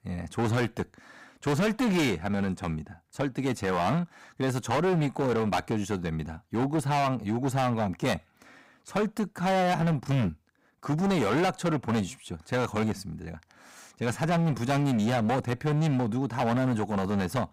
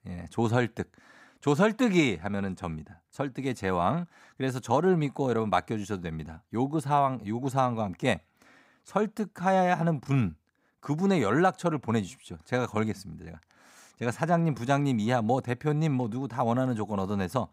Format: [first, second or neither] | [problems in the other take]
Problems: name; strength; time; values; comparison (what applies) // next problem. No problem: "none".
second | distortion; heavy; 17% of the sound clipped